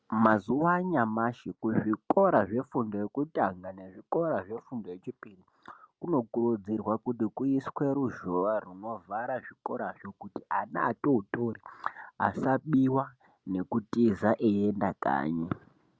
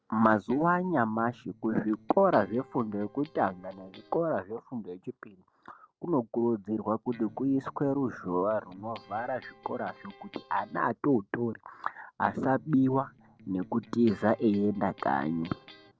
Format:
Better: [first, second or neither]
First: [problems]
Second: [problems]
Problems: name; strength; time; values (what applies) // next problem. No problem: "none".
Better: first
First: none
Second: noise reduction (neural separator model SepFormer DNS4)